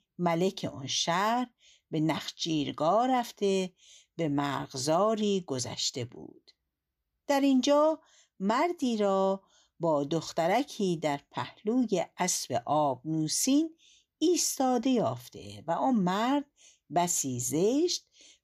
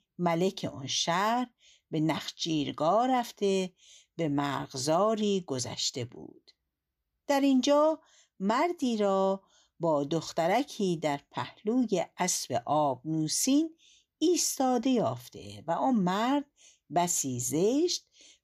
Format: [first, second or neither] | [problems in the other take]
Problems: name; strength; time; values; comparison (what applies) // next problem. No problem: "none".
neither | none